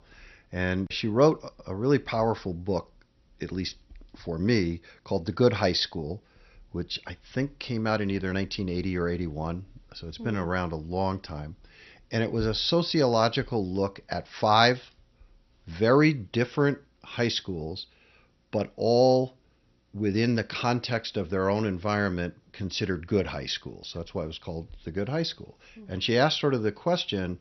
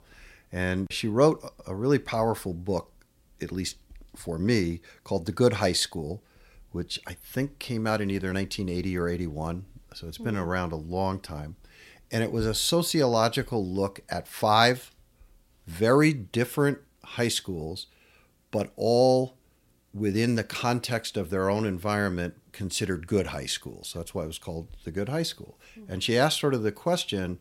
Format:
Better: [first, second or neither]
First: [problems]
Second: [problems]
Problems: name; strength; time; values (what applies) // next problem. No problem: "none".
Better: second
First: garbled, watery; slightly; nothing above 6 kHz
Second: none